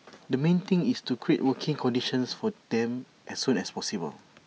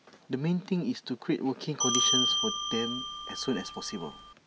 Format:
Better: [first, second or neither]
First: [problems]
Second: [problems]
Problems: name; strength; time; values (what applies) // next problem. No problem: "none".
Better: first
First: none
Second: background sound (Bell); 2 dB above the speech